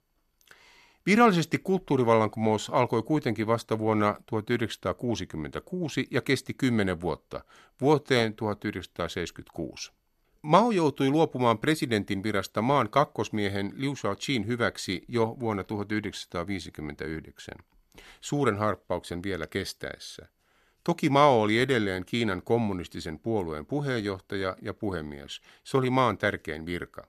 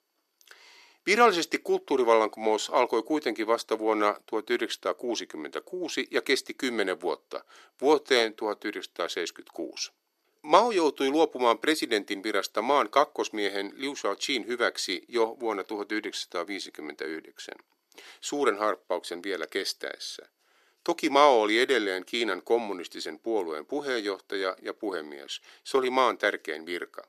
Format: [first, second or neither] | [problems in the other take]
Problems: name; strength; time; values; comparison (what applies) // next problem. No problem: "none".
first | thin; somewhat; fading below 350 Hz